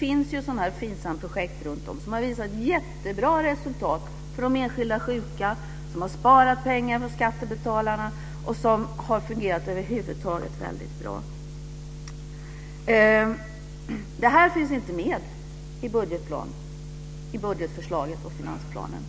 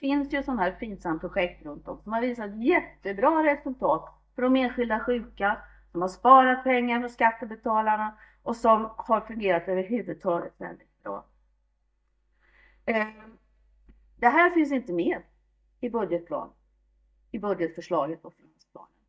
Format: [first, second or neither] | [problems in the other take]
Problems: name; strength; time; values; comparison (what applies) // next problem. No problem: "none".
first | noise reduction (neural mask model DeepFilterNet 3)